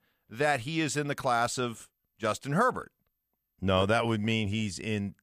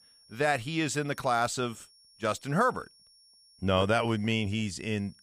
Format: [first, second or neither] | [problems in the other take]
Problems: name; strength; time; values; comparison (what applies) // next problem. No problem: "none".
first | high-pitched whine; faint; throughout; 5.5 kHz, 30 dB below the speech